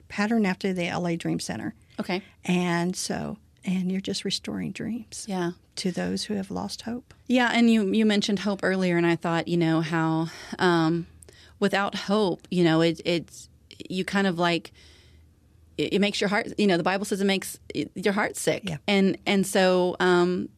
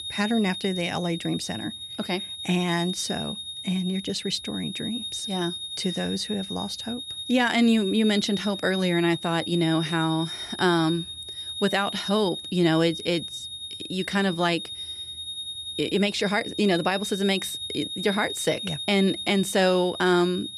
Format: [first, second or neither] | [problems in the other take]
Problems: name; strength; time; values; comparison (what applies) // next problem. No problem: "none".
first | high-pitched whine; loud; throughout; 3.5 kHz, 7 dB below the speech